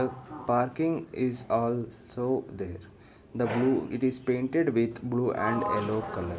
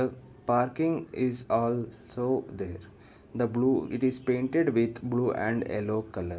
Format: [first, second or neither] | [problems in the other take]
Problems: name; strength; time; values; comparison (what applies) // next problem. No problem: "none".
second | background sound (Sliding door); 11 dB below the speech